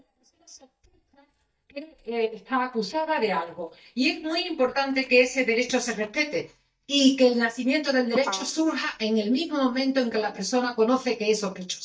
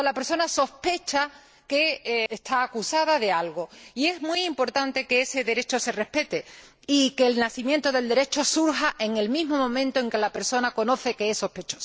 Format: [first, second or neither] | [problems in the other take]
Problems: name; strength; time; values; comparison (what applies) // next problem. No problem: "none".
second | noise reduction (neural mask model DeepFilterNet 3)